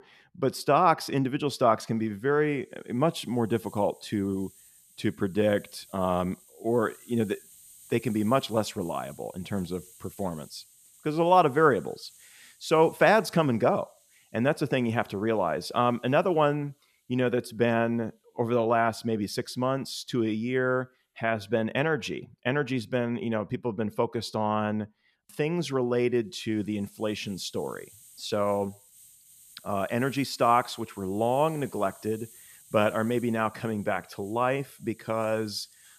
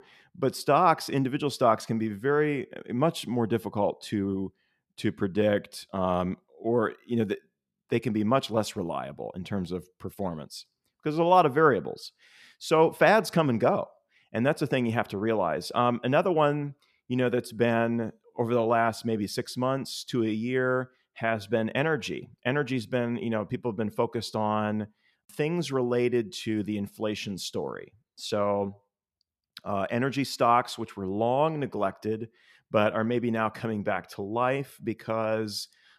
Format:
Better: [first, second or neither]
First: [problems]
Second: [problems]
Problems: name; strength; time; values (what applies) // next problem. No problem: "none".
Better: second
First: hiss; faint; throughout; 25 dB below the speech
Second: none